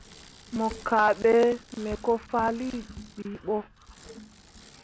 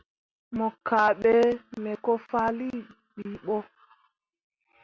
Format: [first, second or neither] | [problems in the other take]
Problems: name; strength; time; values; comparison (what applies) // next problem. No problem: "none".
second | background sound (Bicycle); 19 dB below the speech